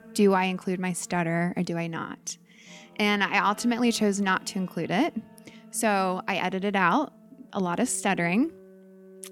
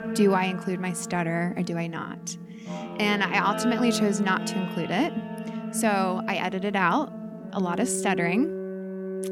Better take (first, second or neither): first